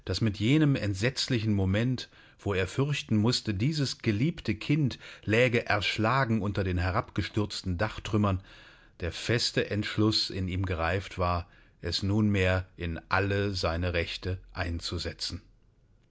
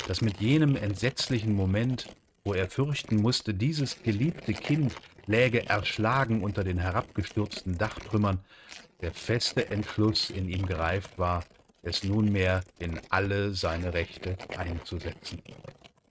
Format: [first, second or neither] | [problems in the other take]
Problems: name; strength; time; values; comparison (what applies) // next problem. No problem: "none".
first | noise reduction (neural mask model RNNoise)